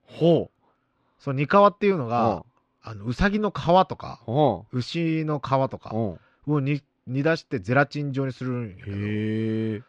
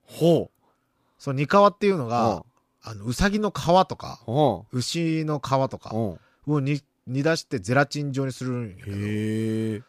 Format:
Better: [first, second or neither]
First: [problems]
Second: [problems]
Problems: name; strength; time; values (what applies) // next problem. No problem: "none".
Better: second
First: muffled; slightly; fading above 3 kHz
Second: none